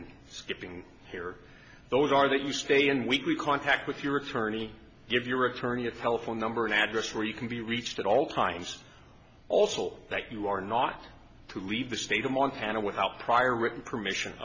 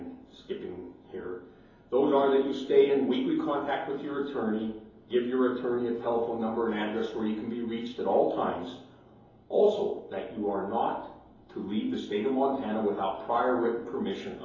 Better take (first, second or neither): first